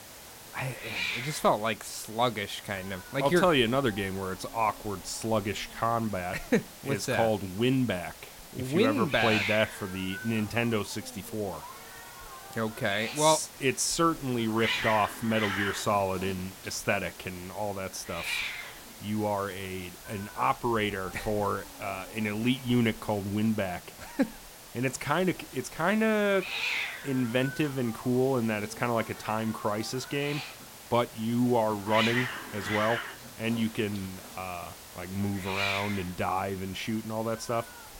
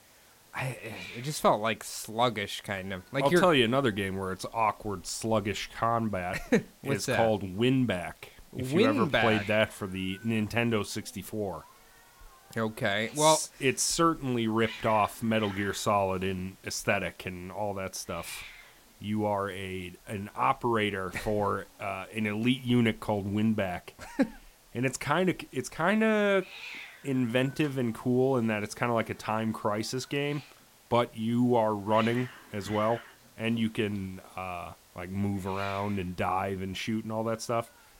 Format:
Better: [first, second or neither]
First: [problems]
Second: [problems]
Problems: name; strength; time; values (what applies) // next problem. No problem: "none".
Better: second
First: hiss; loud; throughout; 9 dB below the speech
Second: hiss; faint; throughout; 20 dB below the speech